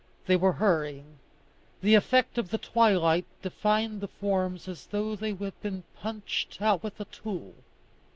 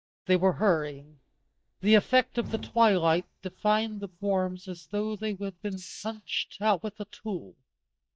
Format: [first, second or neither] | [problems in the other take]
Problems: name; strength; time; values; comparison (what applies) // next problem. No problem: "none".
first | noise reduction (neural mask model DeepFilterNet 3)